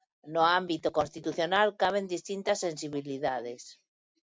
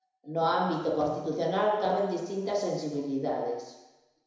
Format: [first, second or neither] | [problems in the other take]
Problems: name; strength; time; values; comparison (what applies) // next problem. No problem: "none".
first | room echo; dies away in 1 s